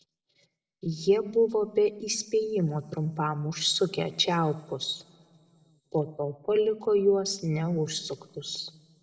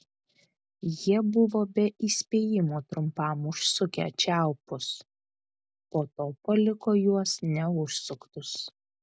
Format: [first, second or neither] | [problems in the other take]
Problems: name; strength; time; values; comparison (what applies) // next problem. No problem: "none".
second | room echo; dies away in 0.7 s